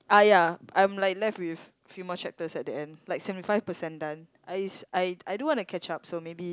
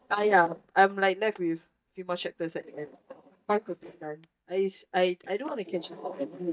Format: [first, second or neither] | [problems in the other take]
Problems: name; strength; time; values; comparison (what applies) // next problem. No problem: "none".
first | noise reduction (neural mask model DeepFilterNet 3)